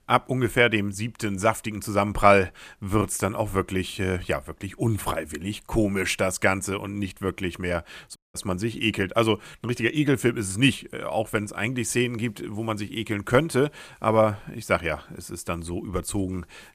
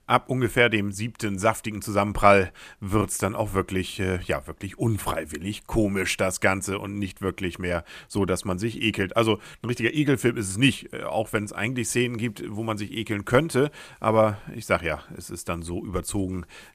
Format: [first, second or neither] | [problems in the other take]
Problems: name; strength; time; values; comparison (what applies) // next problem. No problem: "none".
second | audio cutting out; at 8 s